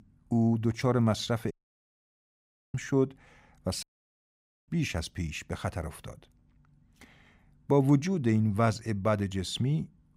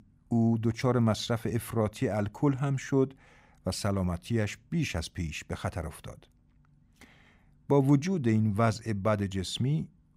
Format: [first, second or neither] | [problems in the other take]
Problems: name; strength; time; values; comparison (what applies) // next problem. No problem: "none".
second | audio cutting out; at 1.5 s for 1 s and at 4 s for 1 s